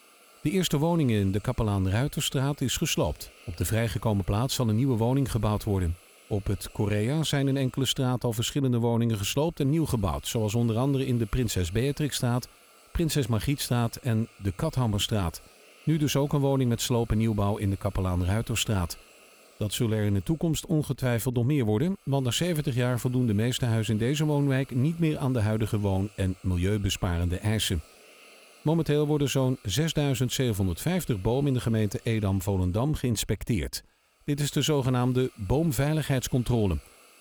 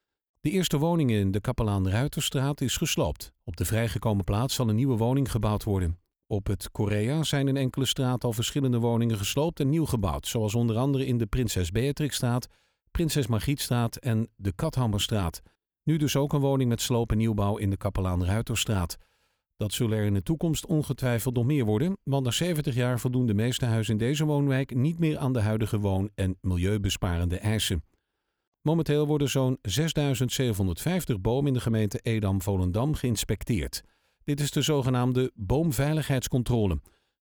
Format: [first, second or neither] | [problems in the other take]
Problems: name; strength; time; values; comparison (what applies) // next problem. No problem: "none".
second | hiss; faint; throughout; 25 dB below the speech